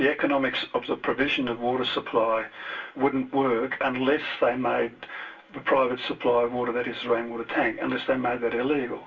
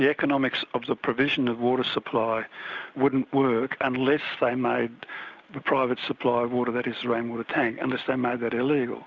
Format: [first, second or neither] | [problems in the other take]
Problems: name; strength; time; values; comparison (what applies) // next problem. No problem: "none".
second | room echo; dies away in 0.2 s